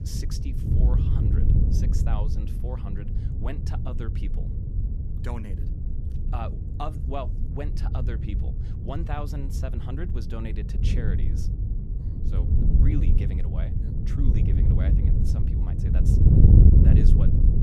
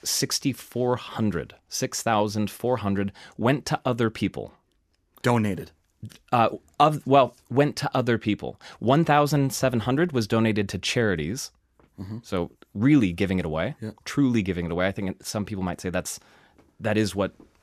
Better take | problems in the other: second | wind noise on the microphone; heavy; 2 dB above the speech

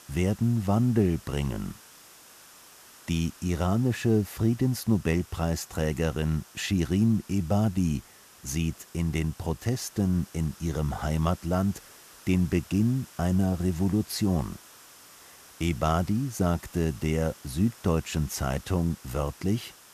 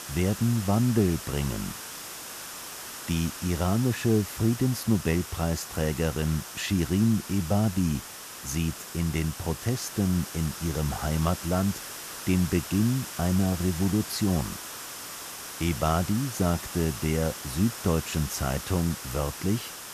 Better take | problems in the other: first | hiss; loud; throughout; 9 dB below the speech; faint in the first

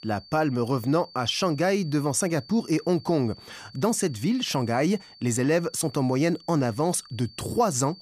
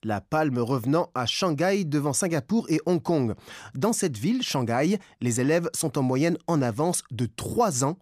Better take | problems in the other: second | high-pitched whine; faint; throughout; 4.5 kHz, 20 dB below the speech

